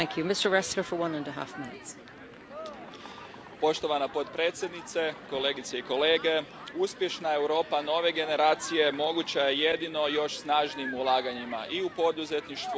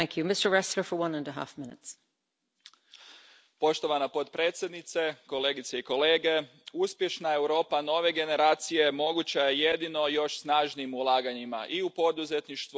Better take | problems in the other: second | background sound (Human group actions); 14 dB below the speech

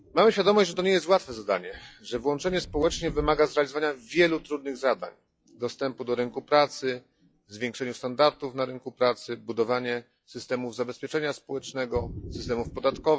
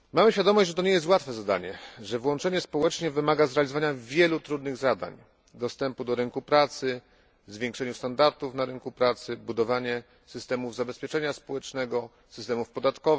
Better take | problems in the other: second | noise reduction (classical method log-MMSE)

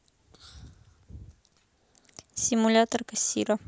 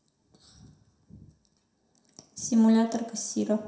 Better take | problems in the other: first | room echo; dies away in 0.7 s

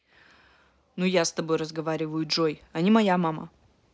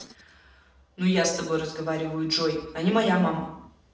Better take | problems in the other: first | room echo; dies away in 0.7 s

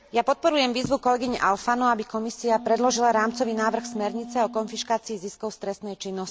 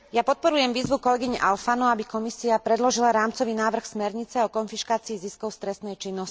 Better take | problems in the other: second | background sound (Wind instrument, woodwind instrument); 15 dB below the speech

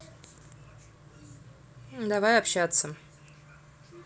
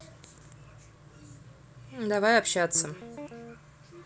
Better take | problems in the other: first | background sound (Guitar); 13 dB below the speech

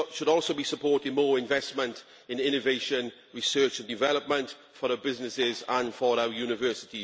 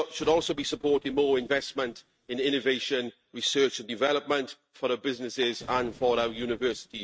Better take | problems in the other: first | noise reduction (neural mask model RNNoise)

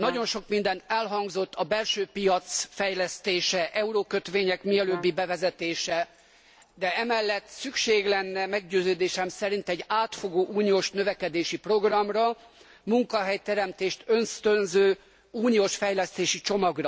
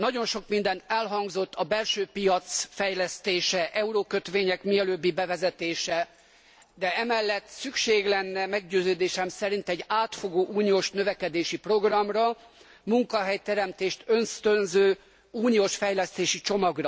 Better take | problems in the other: second | background sound (Brass instrument); 15 dB below the speech

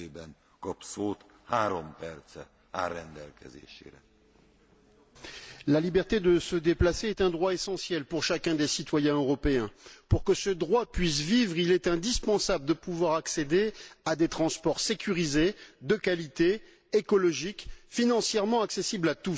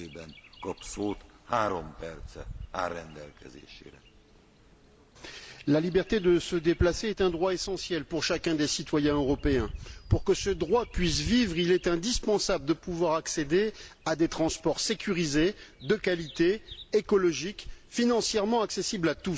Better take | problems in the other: first | background sound (Bird vocalization, bird call, bird song); 18 dB below the speech

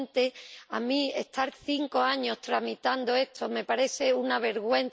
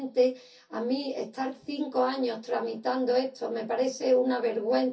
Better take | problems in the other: first | room echo; dies away in 0.3 s

